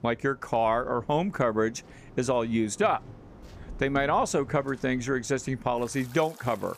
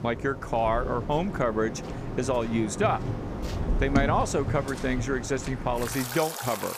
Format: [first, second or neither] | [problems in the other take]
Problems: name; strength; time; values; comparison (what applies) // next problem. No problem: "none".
first | rain or running water; loud; throughout; 5 dB below the speech; faint in the first